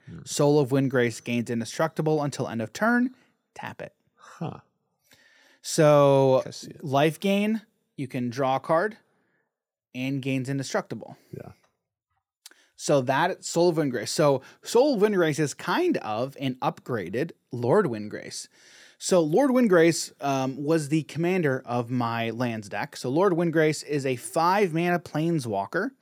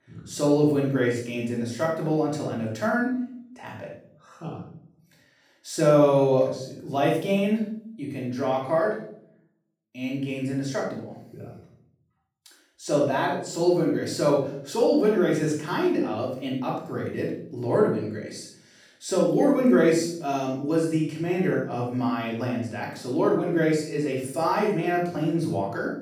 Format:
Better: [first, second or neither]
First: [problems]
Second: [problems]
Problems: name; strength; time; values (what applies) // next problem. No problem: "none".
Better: first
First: none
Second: off-mic speech; far // room echo; noticeable; dies away in 0.6 s